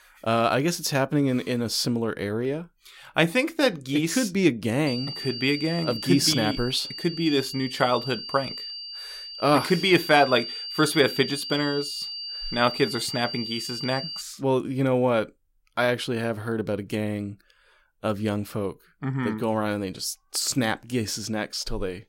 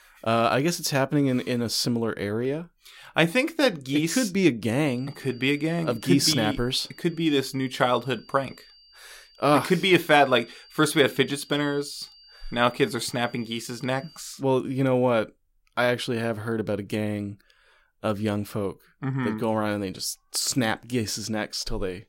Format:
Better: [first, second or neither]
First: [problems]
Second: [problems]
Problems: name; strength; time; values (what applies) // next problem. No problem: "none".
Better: second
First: high-pitched whine; loud; from 5 to 14 s; 4.5 kHz, 8 dB below the speech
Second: high-pitched whine; faint; from 5 to 14 s; 4.5 kHz, 25 dB below the speech